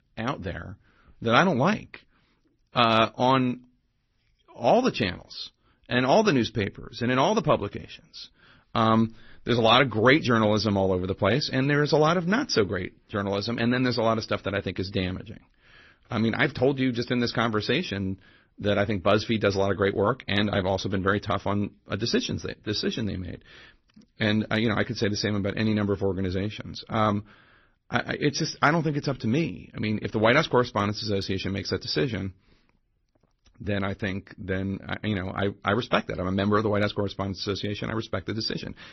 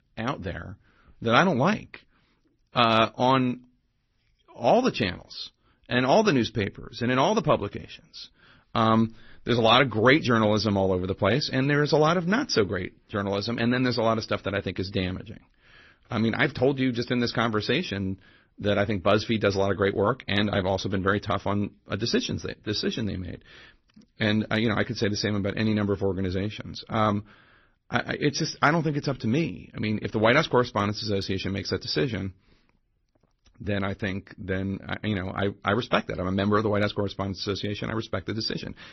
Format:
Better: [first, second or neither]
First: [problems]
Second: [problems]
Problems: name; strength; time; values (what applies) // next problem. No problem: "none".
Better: neither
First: garbled, watery; slightly; nothing above 6 kHz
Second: garbled, watery; slightly; nothing above 6 kHz